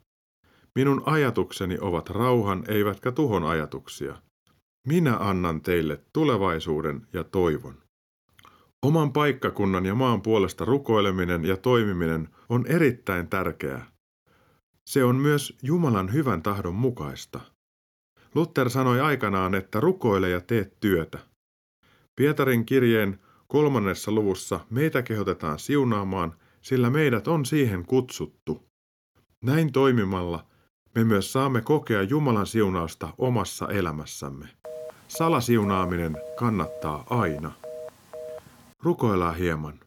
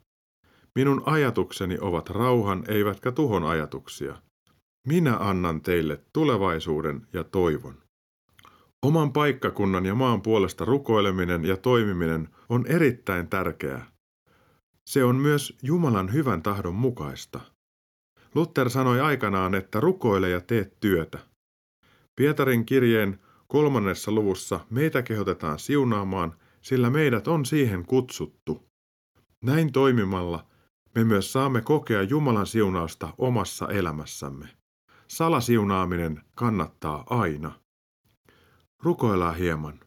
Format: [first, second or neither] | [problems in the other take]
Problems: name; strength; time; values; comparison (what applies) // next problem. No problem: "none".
second | phone ringing; faint; from 35 to 39 s; peak 15 dB below the speech